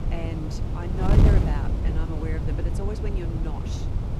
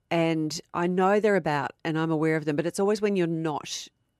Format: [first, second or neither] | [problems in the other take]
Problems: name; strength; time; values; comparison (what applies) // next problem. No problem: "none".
second | wind noise on the microphone; heavy; 1 dB above the speech